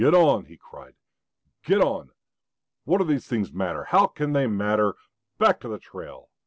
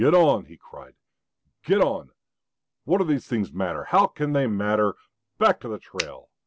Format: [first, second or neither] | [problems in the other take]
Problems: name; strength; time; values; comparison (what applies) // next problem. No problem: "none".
first | background sound (Finger snapping); 9 dB below the speech